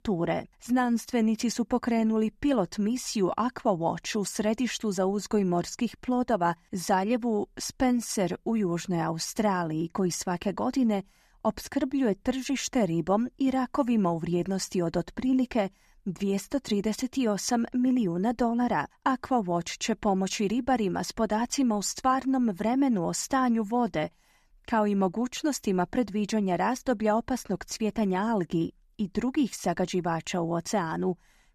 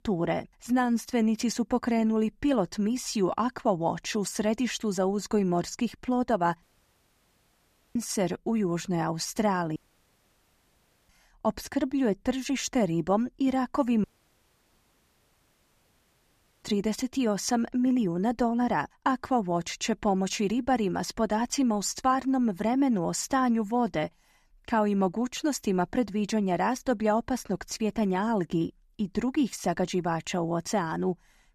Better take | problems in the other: first | audio cutting out; at 6.5 s for 1.5 s, at 10 s for 1.5 s and at 14 s for 2.5 s

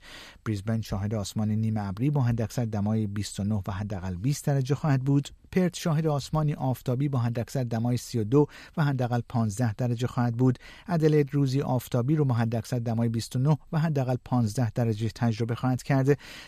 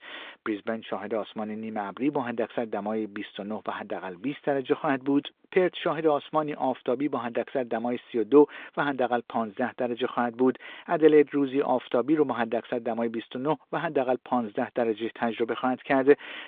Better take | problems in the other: first | phone-call audio

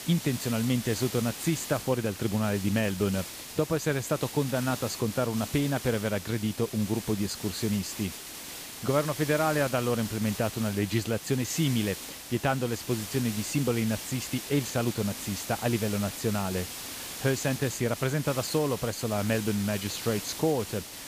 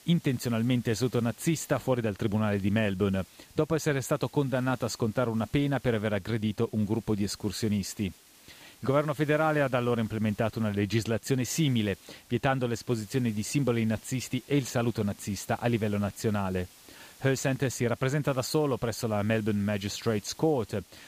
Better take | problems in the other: second | hiss; loud; throughout; 8 dB below the speech; faint in the second

